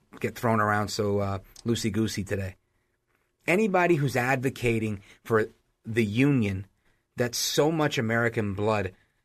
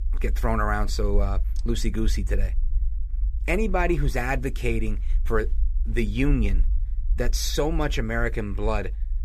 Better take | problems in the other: first | low rumble; faint; throughout; 25 dB below the speech

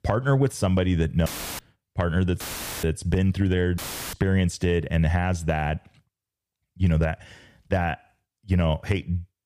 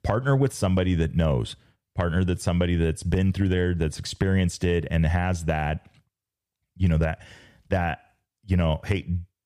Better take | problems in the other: second | audio cutting out; filled with static; at 1.5 s, at 2.5 s and at 4 s

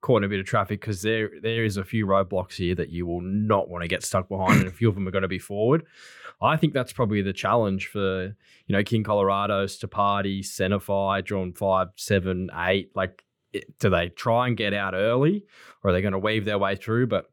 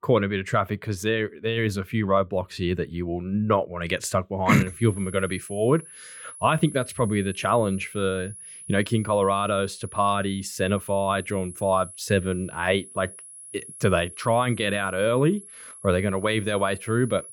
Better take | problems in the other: first | high-pitched whine; noticeable; from 4.5 s on; 11 kHz, 15 dB below the speech

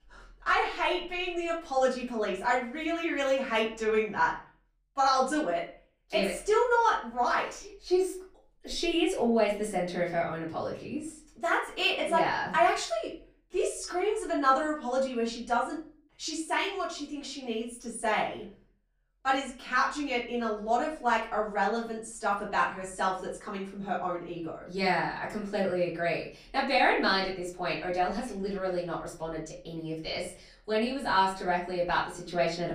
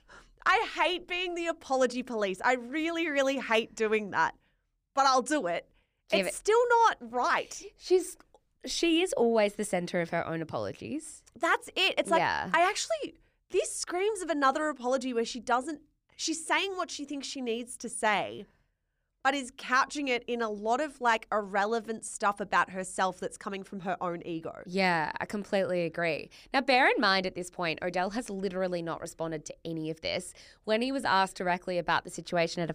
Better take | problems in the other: second | off-mic speech; far // room echo; slight; dies away in 0.4 s

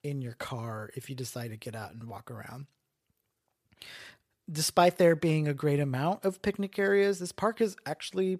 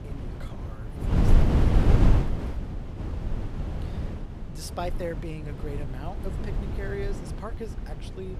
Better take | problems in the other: first | wind noise on the microphone; heavy; 1 dB above the speech

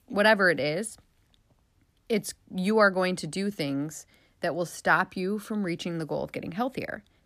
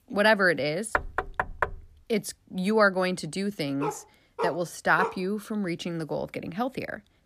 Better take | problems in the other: first | door banging; noticeable; at 1 s; peak 2 dB below the speech // dog barking; noticeable; from 4 to 5 s; peak 5 dB below the speech

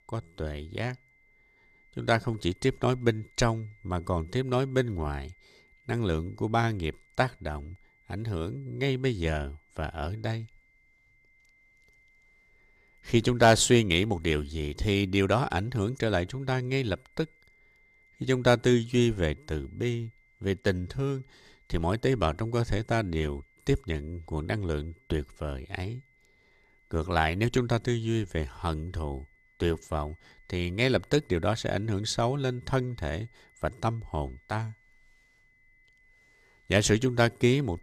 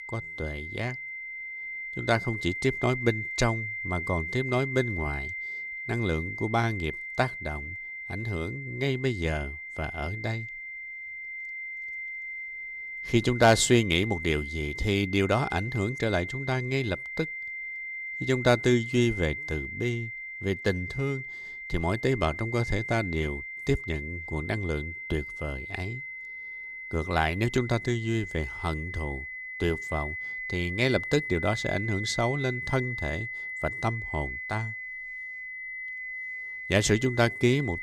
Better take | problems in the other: first | high-pitched whine; loud; throughout; 2 kHz, 6 dB below the speech; faint in the first

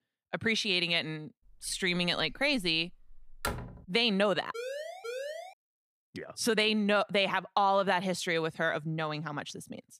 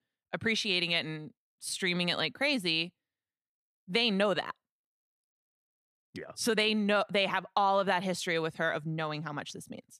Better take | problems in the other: second | door banging; noticeable; from 1.5 to 4 s; peak 8 dB below the speech // siren; noticeable; at 4.5 s; peak 9 dB below the speech

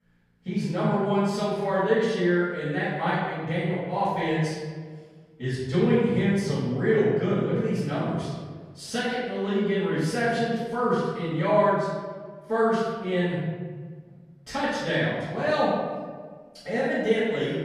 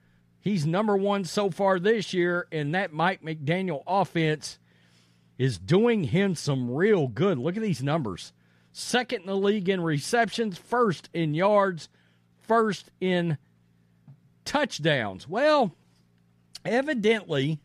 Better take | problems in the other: second | room echo; strong; dies away in 1.4 s // off-mic speech; far

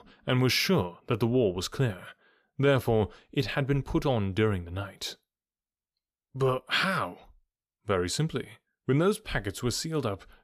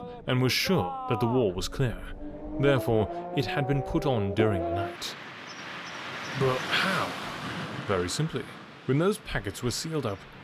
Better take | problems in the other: first | traffic noise; loud; throughout; 7 dB below the speech

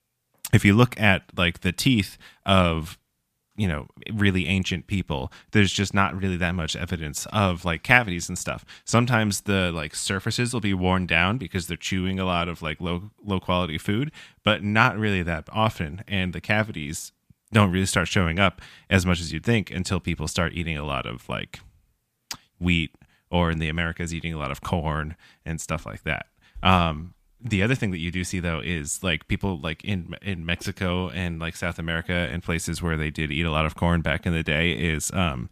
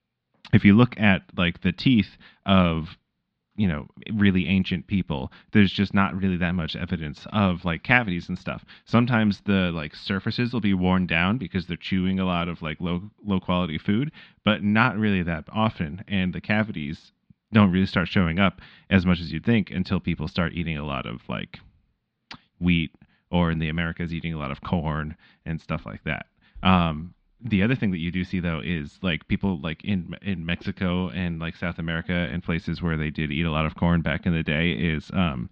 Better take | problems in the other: first | muffled; slightly; fading above 4 kHz

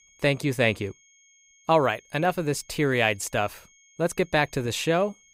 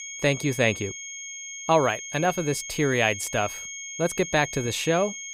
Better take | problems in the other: first | high-pitched whine; loud; throughout; 6.5 kHz, 9 dB below the speech; faint in the first

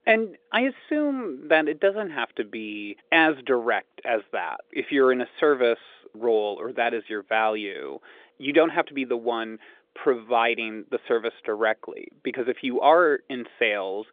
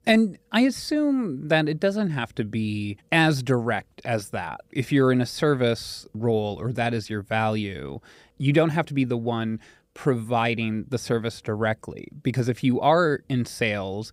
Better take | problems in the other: second | phone-call audio

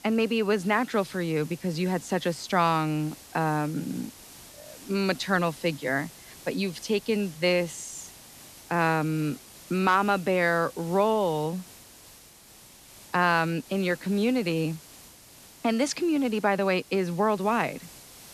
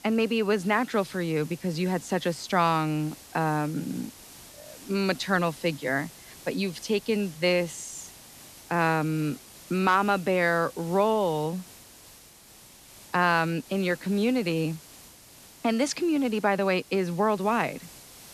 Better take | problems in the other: neither | hiss; noticeable; throughout; 20 dB below the speech; the same in both

